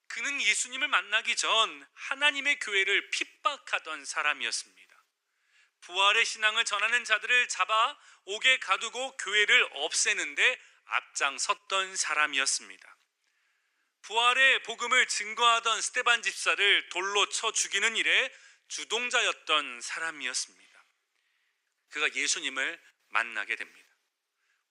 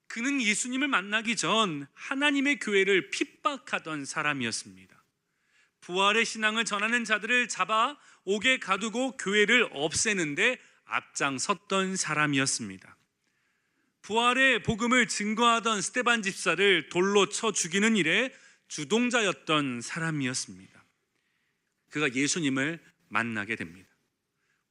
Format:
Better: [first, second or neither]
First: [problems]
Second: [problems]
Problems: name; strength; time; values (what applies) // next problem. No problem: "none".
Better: second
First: thin; very; fading below 550 Hz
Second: none